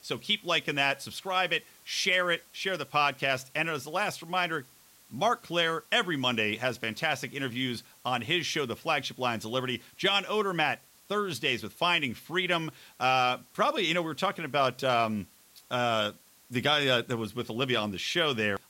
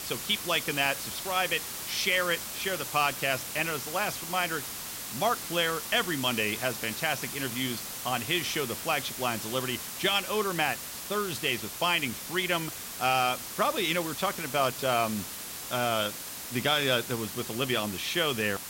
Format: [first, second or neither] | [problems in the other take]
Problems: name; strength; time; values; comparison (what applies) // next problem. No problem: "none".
first | hiss; loud; throughout; 6 dB below the speech; faint in the first